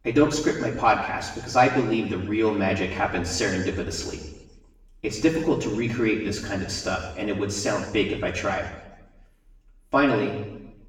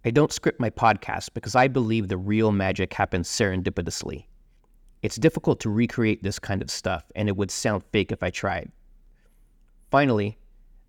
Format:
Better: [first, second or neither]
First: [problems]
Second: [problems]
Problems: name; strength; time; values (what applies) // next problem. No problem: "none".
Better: second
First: room echo; noticeable; dies away in 1 s // off-mic speech; far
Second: none